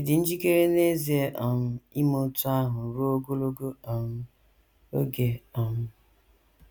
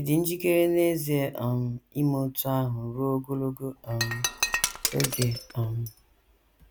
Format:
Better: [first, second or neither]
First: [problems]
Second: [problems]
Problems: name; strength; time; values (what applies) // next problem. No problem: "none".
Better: first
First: none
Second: background sound (Shatter); 5 dB below the speech